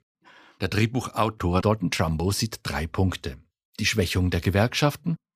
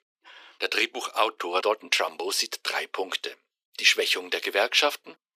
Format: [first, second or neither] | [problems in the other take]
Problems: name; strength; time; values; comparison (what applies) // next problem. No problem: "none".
first | thin; very; fading below 350 Hz